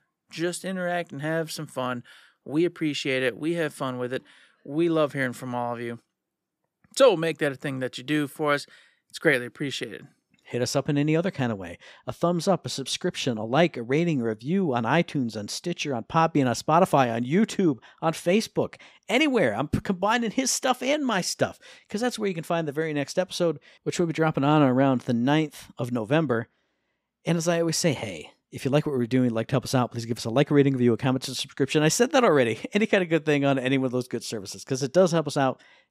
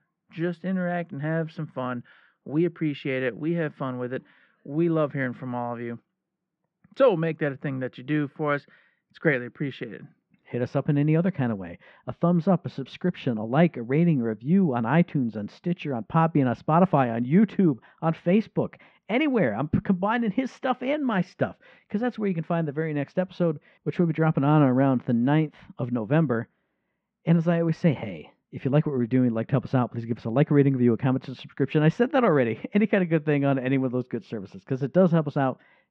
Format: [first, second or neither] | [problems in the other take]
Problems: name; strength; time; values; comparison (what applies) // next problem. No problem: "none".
first | muffled; very; fading above 2.5 kHz